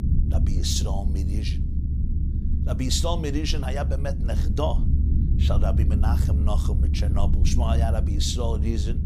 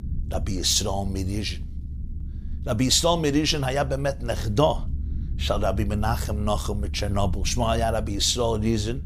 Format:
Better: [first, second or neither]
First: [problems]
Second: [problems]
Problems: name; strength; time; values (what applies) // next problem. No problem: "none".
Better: second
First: low rumble; loud; throughout; 8 dB below the speech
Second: low rumble; faint; throughout; 25 dB below the speech